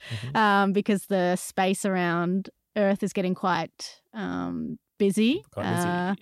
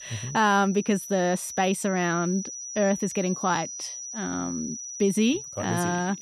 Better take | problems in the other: first | high-pitched whine; loud; throughout; 6 kHz, 9 dB below the speech

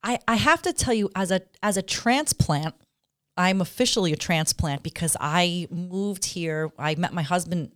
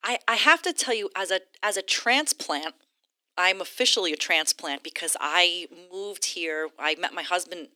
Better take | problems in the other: first | thin; very; fading below 300 Hz

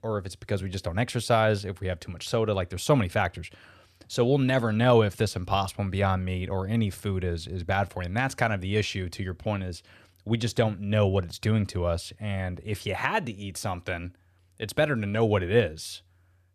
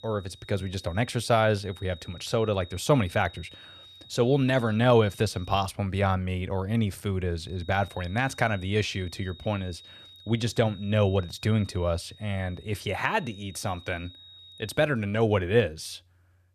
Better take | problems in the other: first | high-pitched whine; faint; until 5.5 s and from 7.5 to 15 s; 4 kHz, 20 dB below the speech

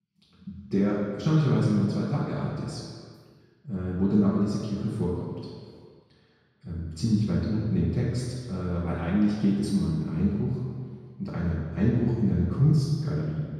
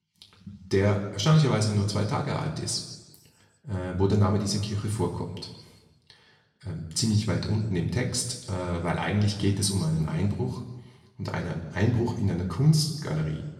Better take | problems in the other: second | room echo; strong; dies away in 2 s; slight in the second // off-mic speech; far; somewhat distant in the second

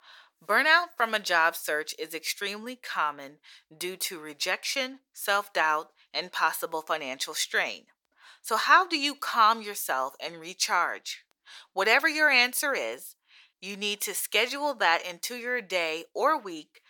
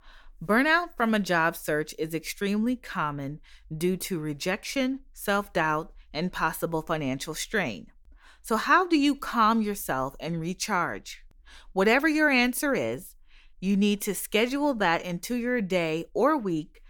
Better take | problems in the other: second | thin; very; fading below 650 Hz

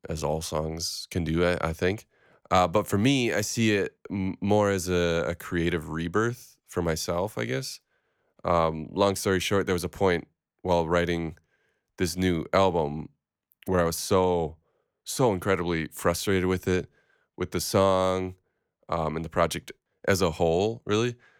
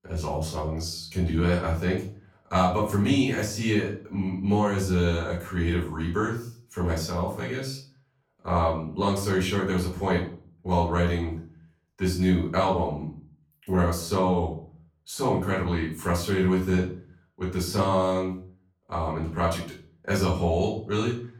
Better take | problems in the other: first | room echo; slight; dies away in 0.4 s // off-mic speech; far

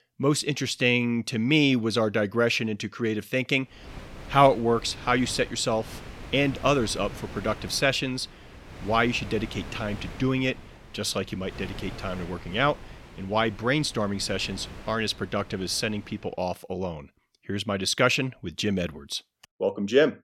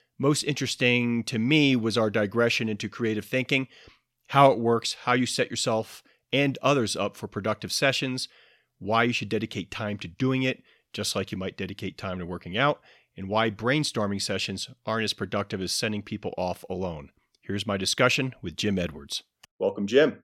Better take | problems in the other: second | wind noise on the microphone; occasional gusts; from 3.5 to 16 s; 20 dB below the speech

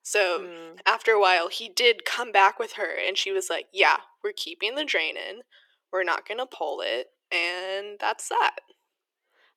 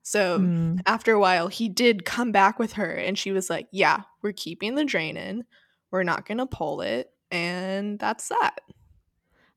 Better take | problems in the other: second | thin; very; fading below 350 Hz

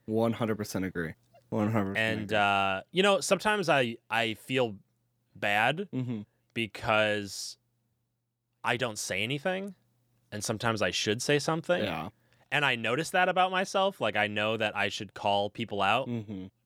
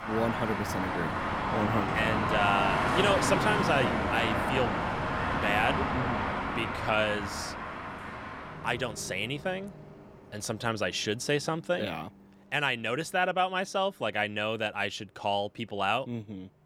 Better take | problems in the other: first | traffic noise; very loud; throughout; as loud as the speech

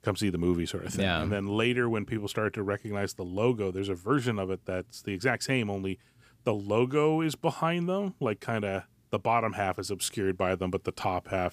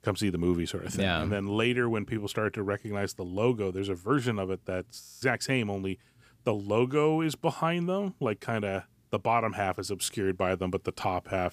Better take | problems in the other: first | audio freezing; at 5 s

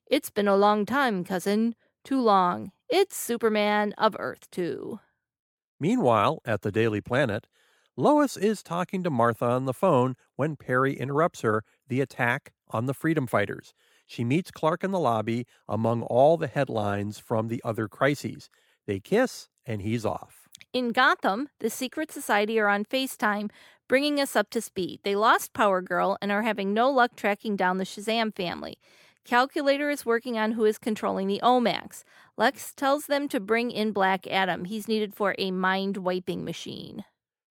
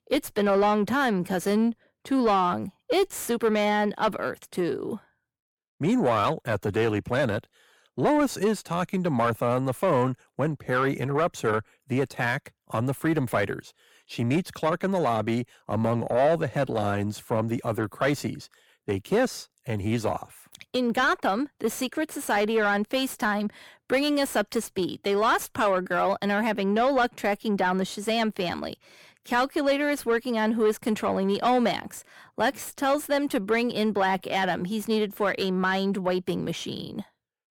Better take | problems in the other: first | distortion; slight; 10 dB below the speech

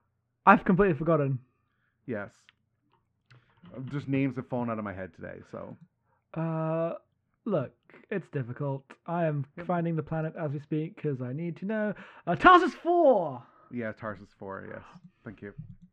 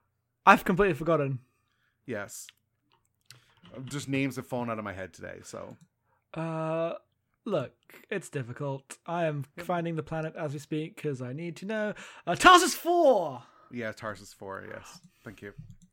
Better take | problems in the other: second | muffled; very; fading above 2 kHz

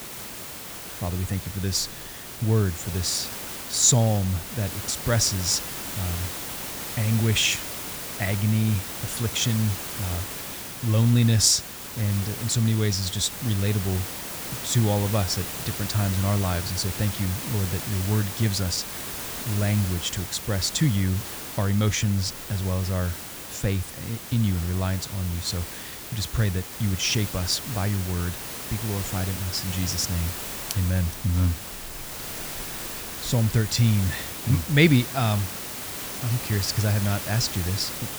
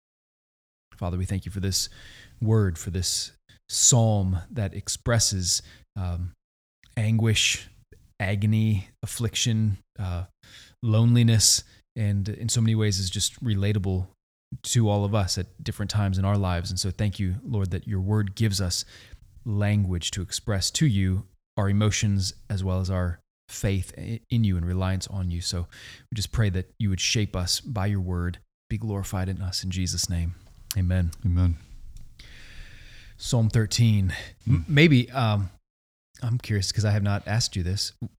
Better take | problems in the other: second | hiss; loud; throughout; 7 dB below the speech

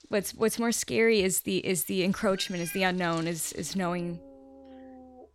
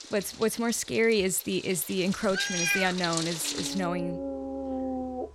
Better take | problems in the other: first | animal sounds; loud; throughout; 4 dB below the speech; faint in the first

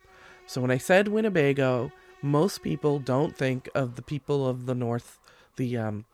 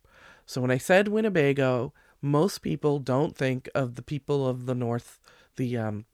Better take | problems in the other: second | animal sounds; faint; throughout; 25 dB below the speech

